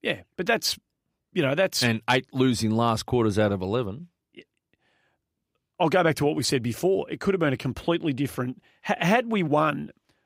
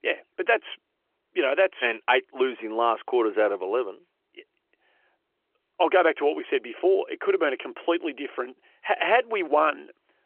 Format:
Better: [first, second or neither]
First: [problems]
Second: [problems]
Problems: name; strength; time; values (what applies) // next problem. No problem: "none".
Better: first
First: none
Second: phone-call audio; nothing above 3 kHz